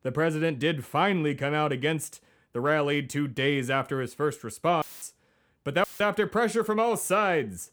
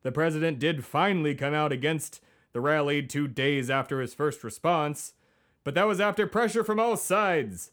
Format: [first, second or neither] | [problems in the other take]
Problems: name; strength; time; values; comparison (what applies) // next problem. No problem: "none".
second | audio cutting out; filled with static; at 5 s and at 6 s